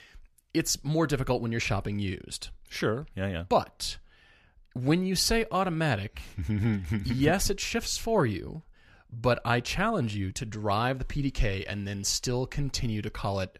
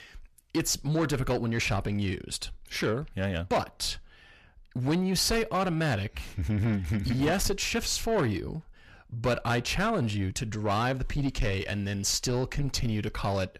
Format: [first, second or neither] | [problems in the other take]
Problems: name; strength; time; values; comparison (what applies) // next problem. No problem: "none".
first | distortion; slight; 10 dB below the speech